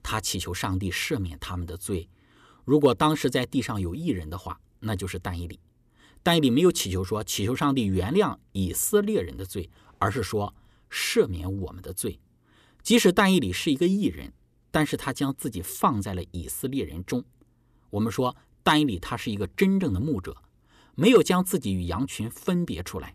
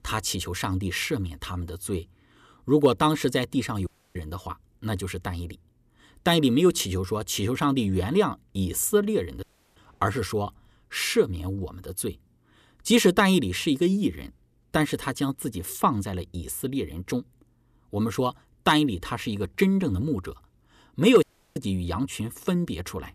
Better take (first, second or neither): first